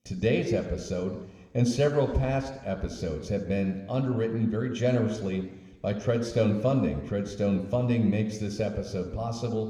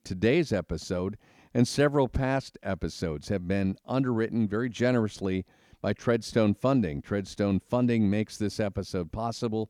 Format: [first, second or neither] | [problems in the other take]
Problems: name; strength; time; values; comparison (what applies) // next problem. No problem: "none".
second | room echo; slight; dies away in 1 s